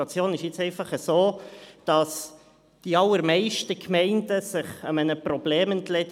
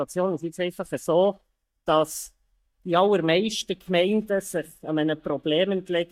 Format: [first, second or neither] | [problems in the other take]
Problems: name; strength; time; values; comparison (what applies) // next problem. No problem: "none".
first | noise reduction (neural mask model DeepFilterNet 3)